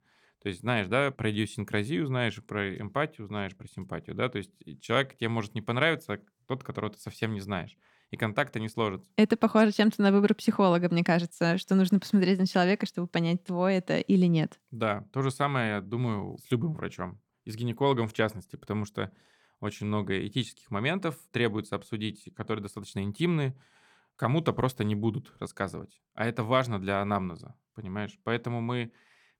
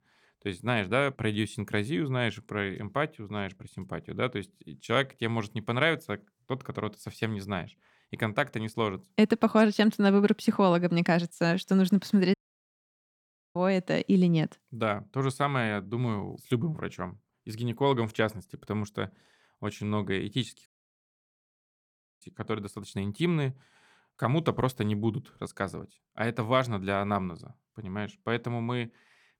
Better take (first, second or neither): first